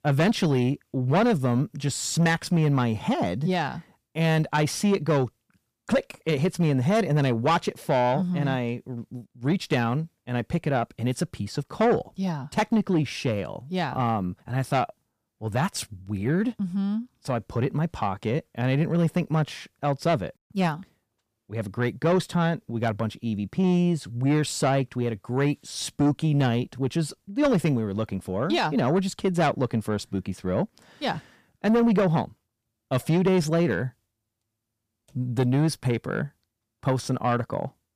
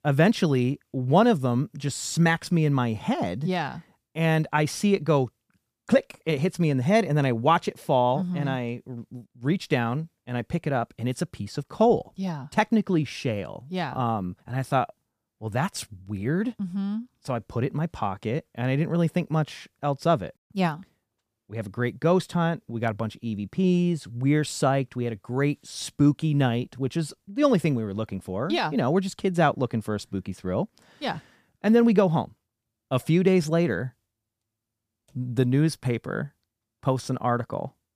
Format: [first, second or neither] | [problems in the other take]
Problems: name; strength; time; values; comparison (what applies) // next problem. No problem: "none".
second | distortion; slight; 10 dB below the speech